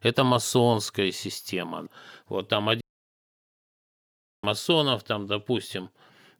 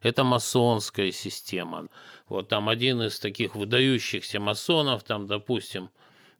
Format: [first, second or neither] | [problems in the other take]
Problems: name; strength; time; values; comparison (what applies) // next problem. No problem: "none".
second | audio cutting out; at 3 s for 1.5 s